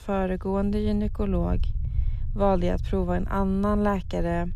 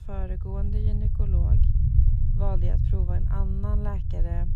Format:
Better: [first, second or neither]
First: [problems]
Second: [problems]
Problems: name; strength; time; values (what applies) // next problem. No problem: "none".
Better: first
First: low rumble; faint; throughout; 20 dB below the speech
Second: low rumble; loud; throughout; 1 dB below the speech